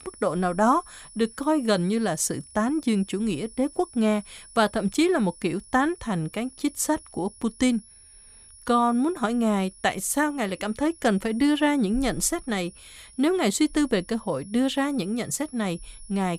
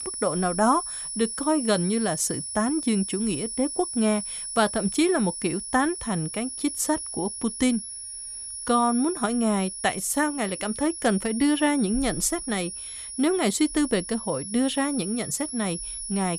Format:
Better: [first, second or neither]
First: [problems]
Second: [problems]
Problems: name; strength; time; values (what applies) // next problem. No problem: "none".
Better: first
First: high-pitched whine; faint; throughout; 10.5 kHz, 20 dB below the speech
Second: high-pitched whine; loud; throughout; 10.5 kHz, 7 dB below the speech